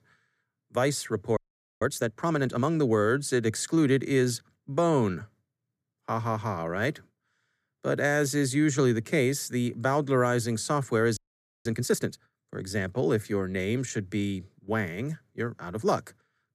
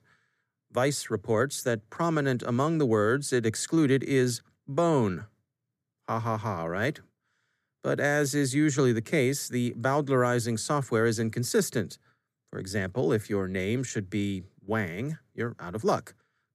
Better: second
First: audio freezing; at 1.5 s and at 11 s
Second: none

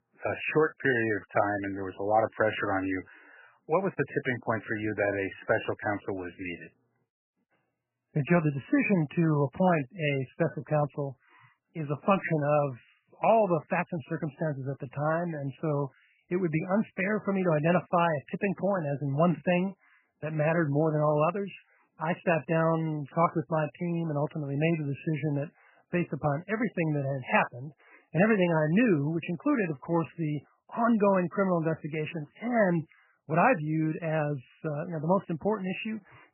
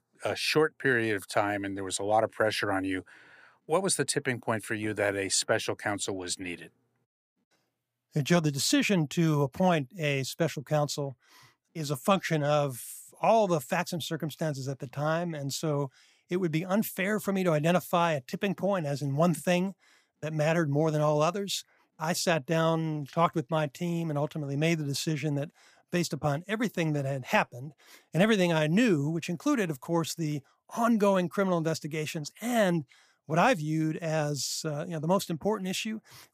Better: second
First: garbled, watery; badly; nothing above 3 kHz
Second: none

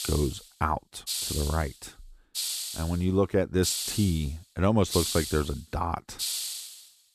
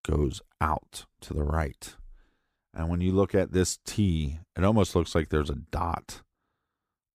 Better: second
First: hiss; loud; throughout; 4 dB below the speech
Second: none

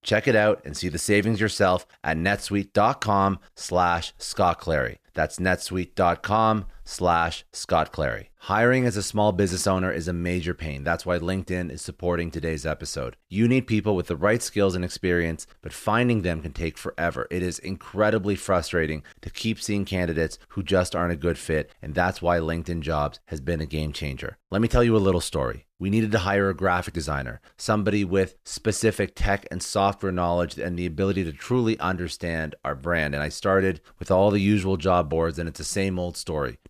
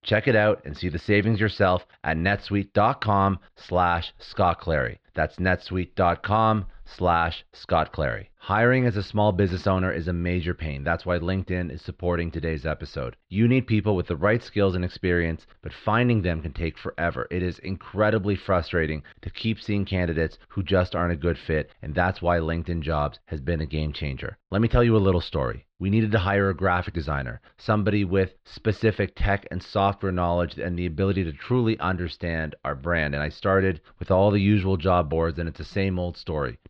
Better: first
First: none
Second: muffled; slightly; fading above 4 kHz

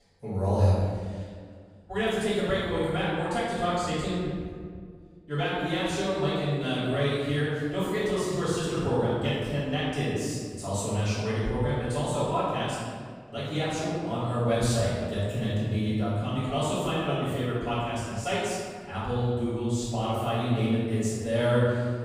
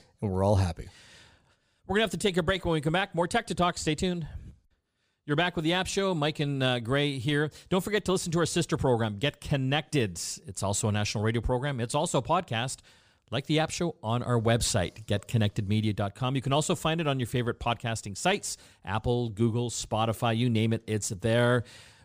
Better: second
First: off-mic speech; far // room echo; strong; dies away in 1.7 s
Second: none

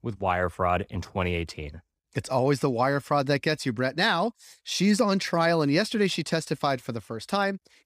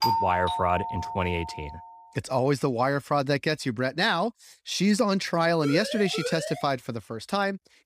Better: first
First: none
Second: doorbell; loud; until 1.5 s; peak 2 dB above the speech // siren; noticeable; from 5.5 to 6.5 s; peak 6 dB below the speech

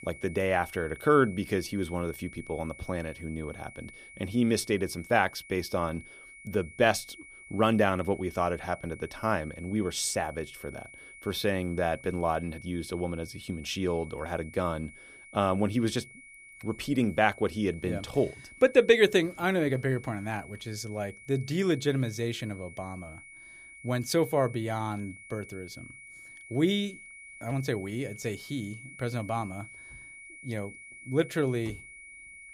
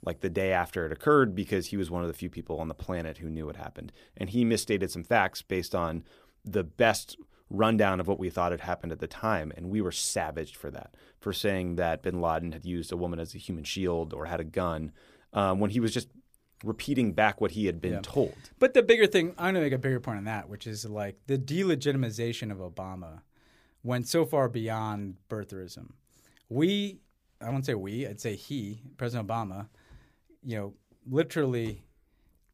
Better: second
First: high-pitched whine; noticeable; throughout; 2 kHz, 15 dB below the speech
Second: none

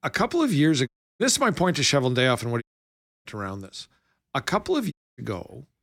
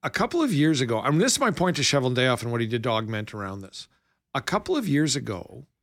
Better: second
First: audio cutting out; at 1 s, at 2.5 s for 0.5 s and at 5 s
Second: none

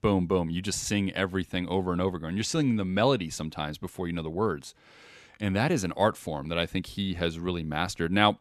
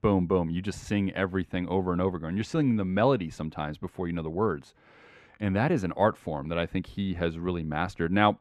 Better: first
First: none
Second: muffled; slightly; fading above 3 kHz

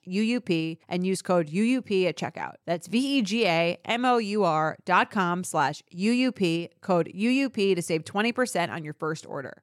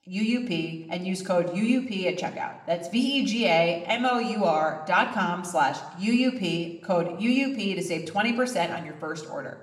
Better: first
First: none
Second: room echo; very slight; dies away in 0.7 s // off-mic speech; somewhat distant

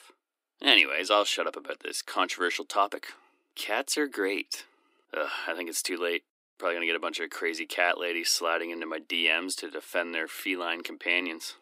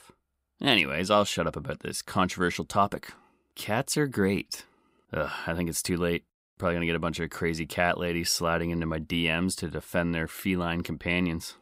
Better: second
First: thin; somewhat; fading below 300 Hz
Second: none

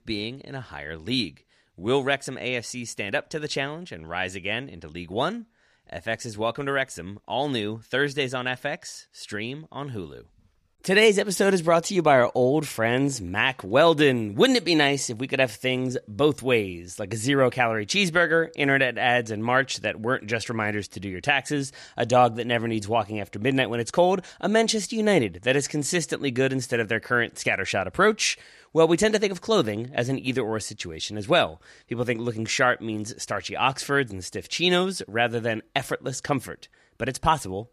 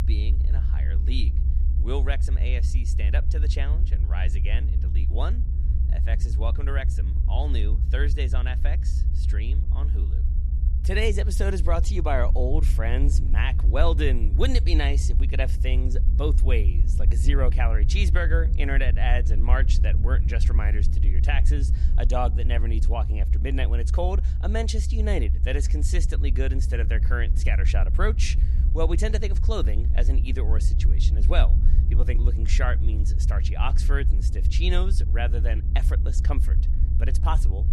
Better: first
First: none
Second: low rumble; noticeable; throughout; 10 dB below the speech

